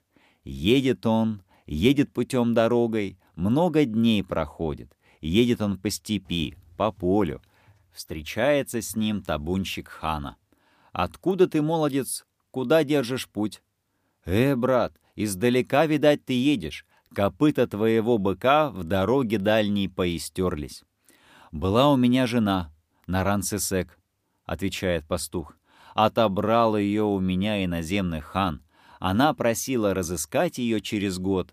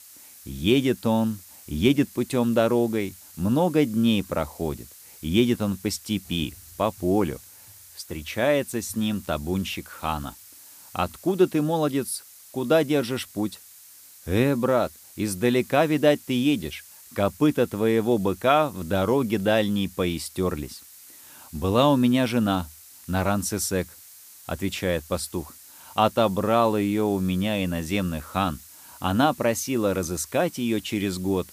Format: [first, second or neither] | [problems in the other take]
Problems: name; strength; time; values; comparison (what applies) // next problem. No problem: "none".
first | hiss; faint; throughout; 20 dB below the speech